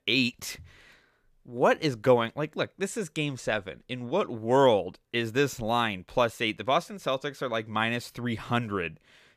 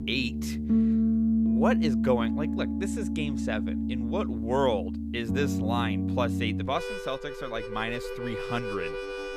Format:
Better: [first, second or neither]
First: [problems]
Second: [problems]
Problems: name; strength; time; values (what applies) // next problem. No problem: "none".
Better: first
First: none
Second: background music; very loud; throughout; 3 dB above the speech